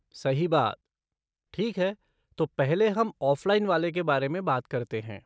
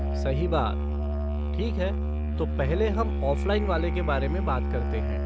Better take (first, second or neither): first